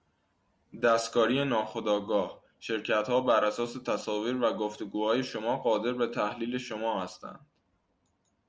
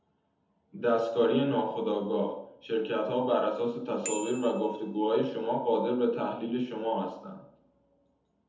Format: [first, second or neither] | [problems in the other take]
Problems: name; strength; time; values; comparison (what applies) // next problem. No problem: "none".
first | background sound (Bicycle bell); 16 dB below the speech // room echo; dies away in 0.7 s